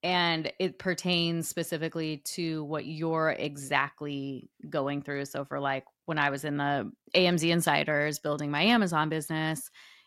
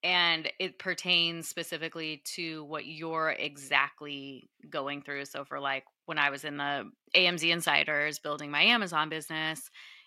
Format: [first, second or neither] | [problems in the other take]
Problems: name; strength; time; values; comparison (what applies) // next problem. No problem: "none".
first | thin; very slightly; fading below 300 Hz